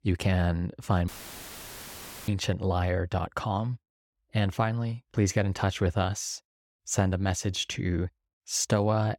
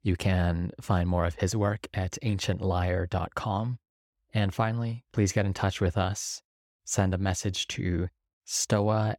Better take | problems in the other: second | audio cutting out; filled with static; at 1 s for 1 s

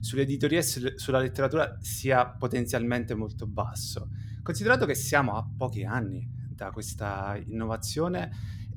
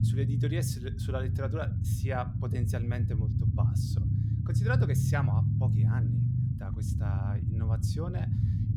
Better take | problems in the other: first | low rumble; loud; throughout; 2 dB below the speech; faint in the first

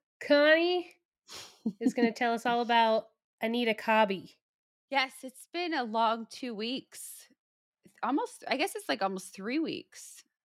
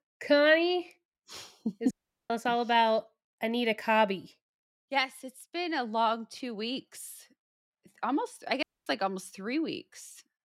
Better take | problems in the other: first | audio cutting out; at 2 s and at 8.5 s

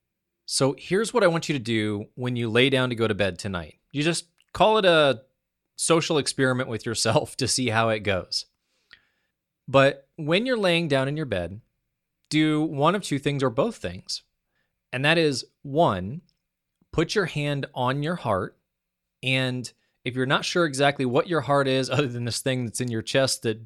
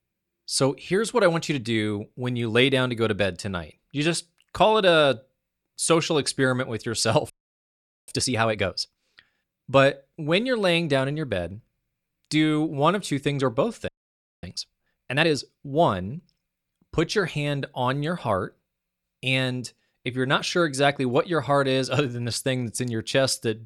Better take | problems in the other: first | audio freezing; at 7.5 s for 1 s and at 14 s for 0.5 s

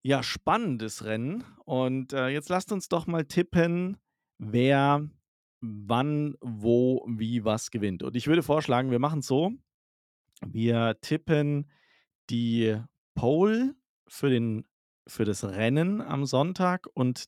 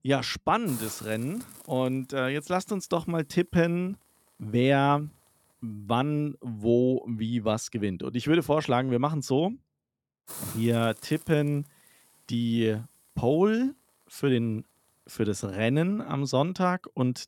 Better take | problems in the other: first | hiss; noticeable; throughout; 15 dB below the speech

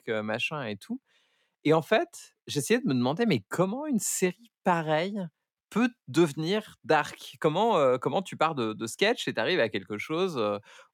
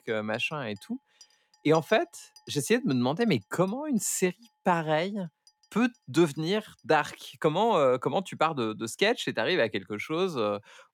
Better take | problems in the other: first | household noises; faint; throughout; 30 dB below the speech

